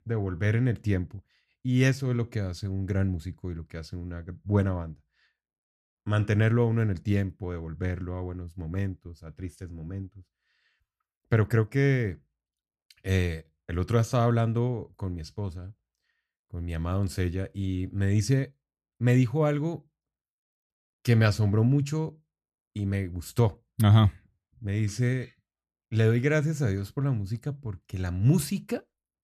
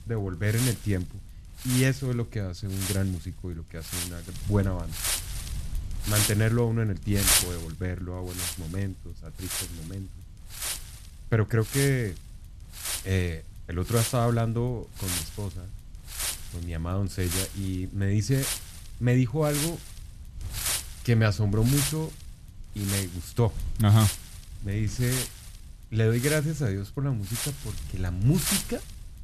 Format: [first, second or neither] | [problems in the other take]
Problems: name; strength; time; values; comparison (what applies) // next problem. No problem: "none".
first | wind noise on the microphone; heavy; as loud as the speech